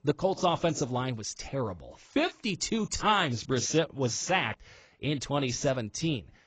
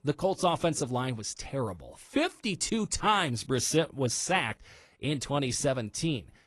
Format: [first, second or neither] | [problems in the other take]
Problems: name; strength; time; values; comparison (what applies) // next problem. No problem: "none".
second | garbled, watery; badly; nothing above 7.5 kHz; slightly in the second